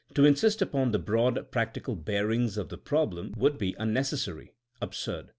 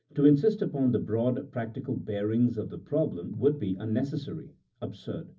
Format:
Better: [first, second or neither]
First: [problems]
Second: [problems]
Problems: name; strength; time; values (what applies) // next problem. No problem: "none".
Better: first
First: none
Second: room echo; dies away in 0.4 s